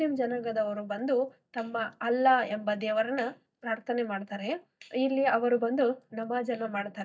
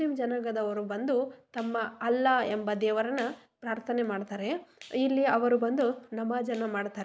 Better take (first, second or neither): second